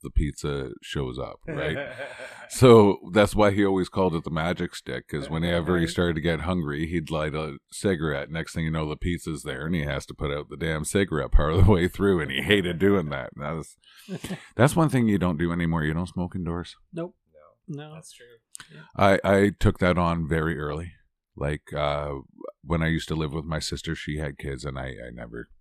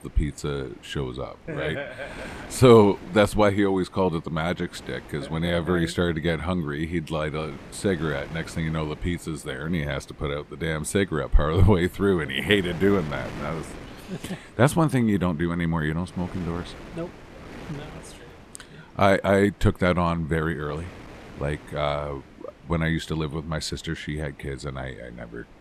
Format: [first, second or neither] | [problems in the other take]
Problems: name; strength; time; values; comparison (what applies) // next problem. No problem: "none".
first | wind noise on the microphone; occasional gusts; 20 dB below the speech